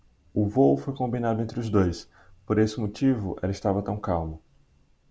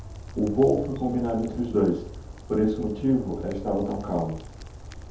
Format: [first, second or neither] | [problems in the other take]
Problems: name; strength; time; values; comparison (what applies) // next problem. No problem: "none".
first | background sound (Rain); 13 dB below the speech // room echo; dies away in 0.5 s